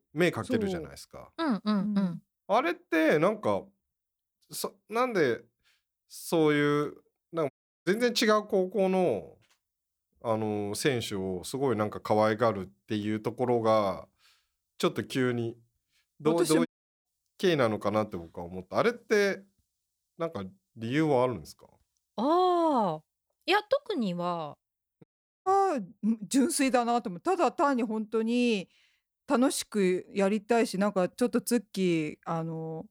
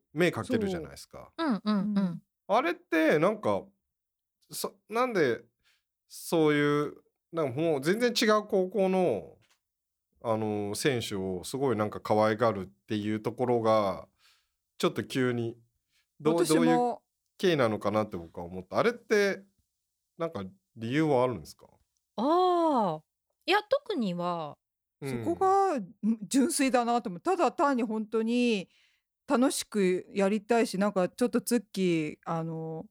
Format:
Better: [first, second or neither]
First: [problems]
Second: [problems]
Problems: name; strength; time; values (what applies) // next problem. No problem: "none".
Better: second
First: audio cutting out; at 7.5 s, at 17 s and at 25 s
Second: none